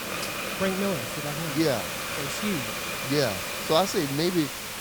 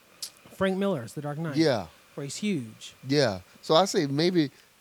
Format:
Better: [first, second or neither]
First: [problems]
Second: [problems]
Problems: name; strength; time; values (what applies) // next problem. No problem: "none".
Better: second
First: hiss; loud; throughout; 2 dB below the speech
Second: hiss; faint; throughout; 30 dB below the speech